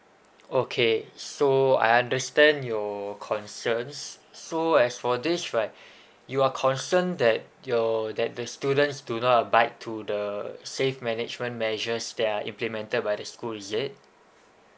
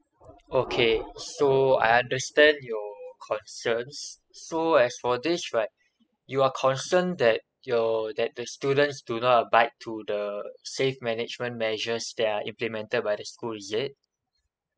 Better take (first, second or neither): first